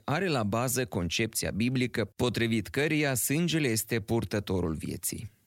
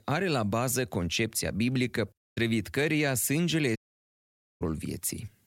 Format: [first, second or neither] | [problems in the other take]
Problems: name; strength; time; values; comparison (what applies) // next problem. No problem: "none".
first | audio cutting out; at 2 s and at 4 s for 1 s